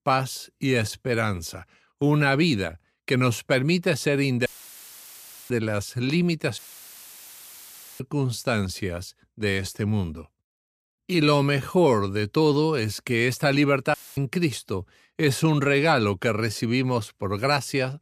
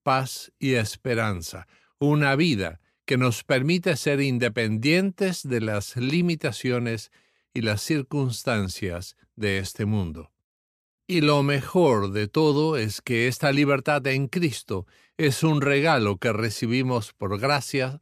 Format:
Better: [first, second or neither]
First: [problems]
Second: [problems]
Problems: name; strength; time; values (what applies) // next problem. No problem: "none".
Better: second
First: audio cutting out; filled with static; at 4.5 s for 1 s, at 6.5 s for 1.5 s and at 14 s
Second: none